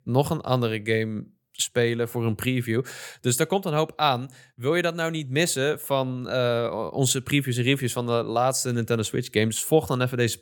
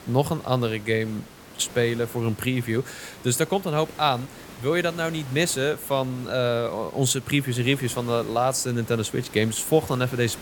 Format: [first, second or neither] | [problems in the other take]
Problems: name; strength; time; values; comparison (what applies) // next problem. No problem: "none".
first | hiss; noticeable; throughout; 20 dB below the speech